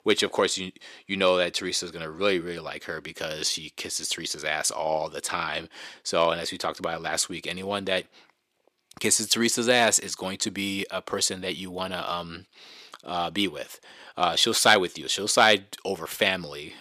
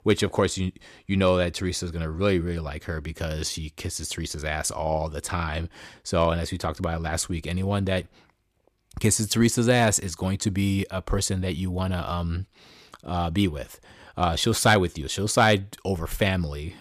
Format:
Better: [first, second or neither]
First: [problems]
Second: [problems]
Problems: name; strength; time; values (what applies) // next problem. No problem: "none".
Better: second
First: thin; somewhat; fading below 300 Hz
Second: none